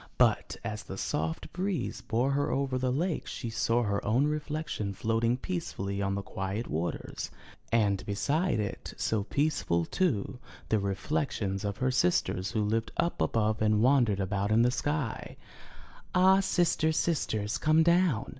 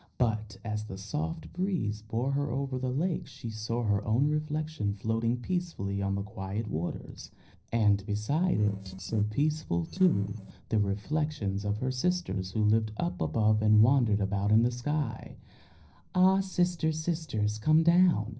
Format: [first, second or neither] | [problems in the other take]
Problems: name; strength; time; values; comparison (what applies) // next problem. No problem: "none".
first | noise reduction (neural separator model SepFormer DNS4)